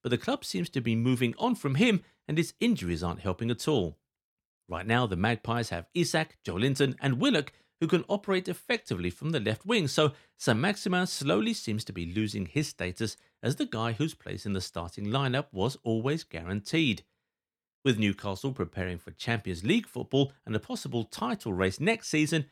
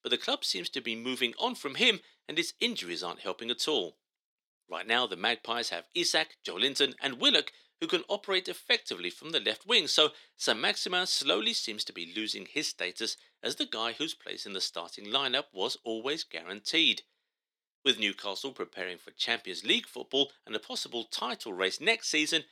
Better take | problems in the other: first | thin; somewhat; fading below 350 Hz

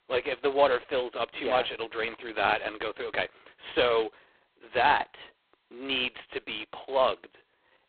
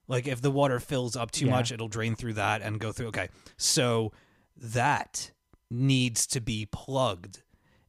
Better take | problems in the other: second | phone-call audio; poor line; nothing above 3.5 kHz

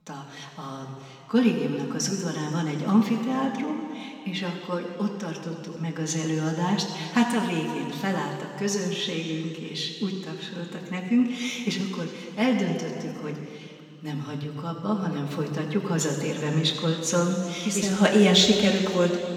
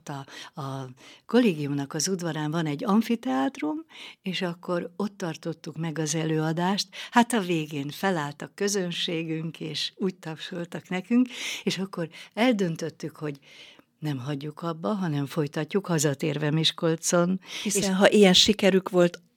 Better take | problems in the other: second | room echo; noticeable; dies away in 2.6 s // off-mic speech; far

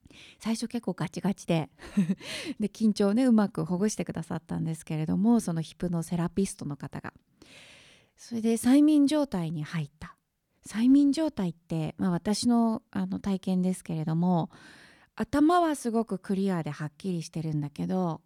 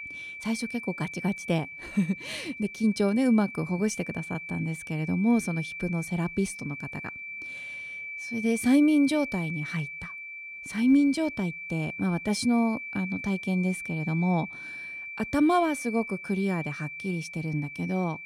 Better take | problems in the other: first | high-pitched whine; loud; throughout; 2.5 kHz, 9 dB below the speech

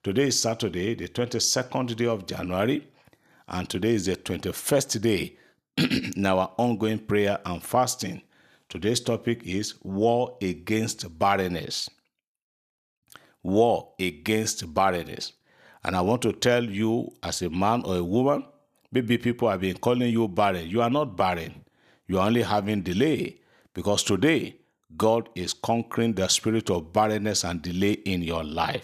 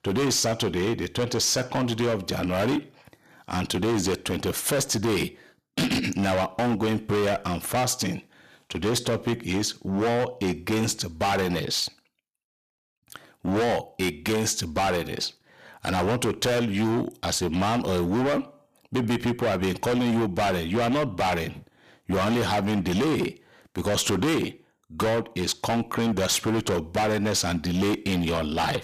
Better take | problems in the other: first | distortion; heavy; 22% of the sound clipped

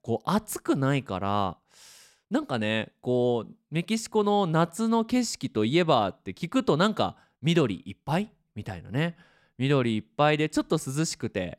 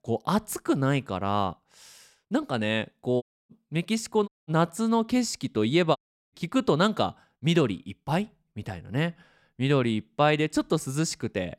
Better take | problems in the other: first | audio cutting out; at 3 s, at 4.5 s and at 6 s

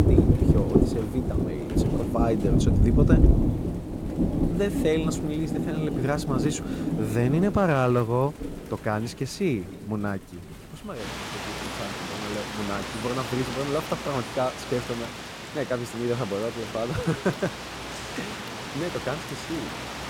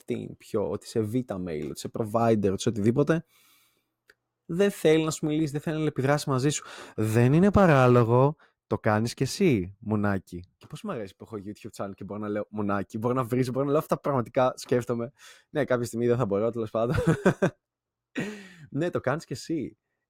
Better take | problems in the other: second | rain or running water; very loud; throughout; 1 dB above the speech

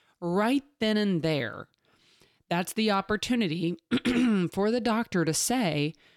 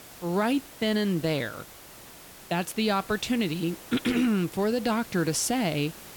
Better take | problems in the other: first | hiss; noticeable; throughout; 15 dB below the speech

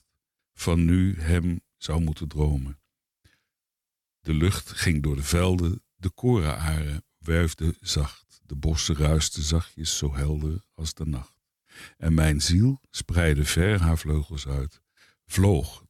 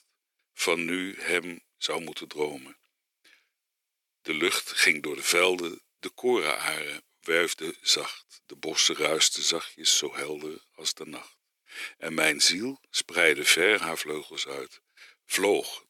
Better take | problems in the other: first | thin; very; fading below 350 Hz

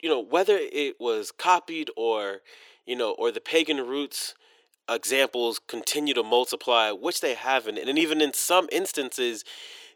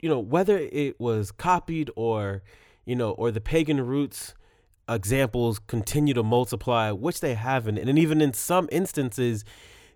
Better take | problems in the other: second | thin; somewhat; fading below 350 Hz

